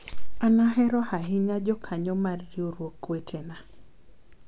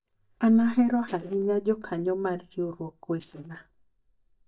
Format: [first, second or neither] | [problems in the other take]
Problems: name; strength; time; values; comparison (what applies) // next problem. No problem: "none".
first | noise reduction (neural mask model DeepFilterNet 3)